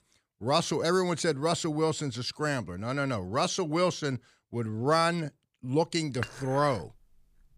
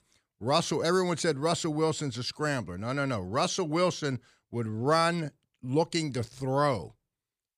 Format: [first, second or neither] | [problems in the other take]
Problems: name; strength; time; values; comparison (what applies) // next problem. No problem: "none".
second | clattering dishes; faint; at 6 s; peak 10 dB below the speech